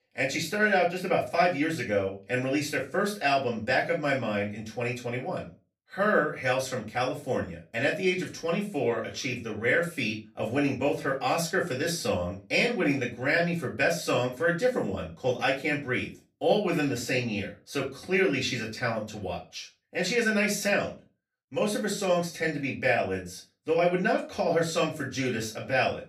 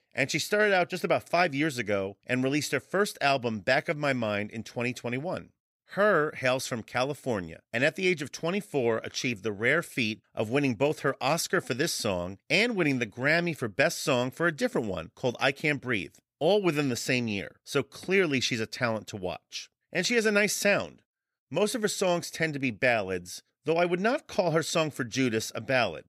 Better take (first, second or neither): second